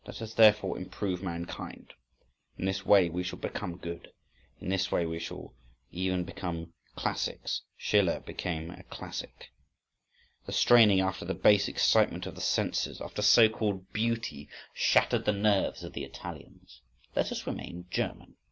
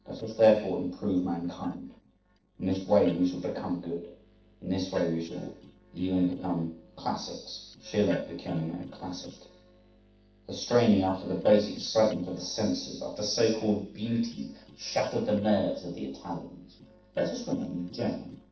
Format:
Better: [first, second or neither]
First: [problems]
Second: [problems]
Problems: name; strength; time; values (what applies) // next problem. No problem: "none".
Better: first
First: none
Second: noise reduction (neural separator model SepFormer DNS4)